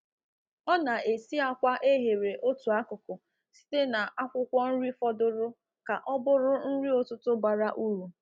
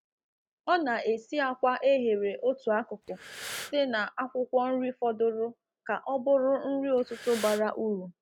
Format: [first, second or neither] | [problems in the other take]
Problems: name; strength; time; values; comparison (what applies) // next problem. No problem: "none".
first | background sound (Breathing); 13 dB below the speech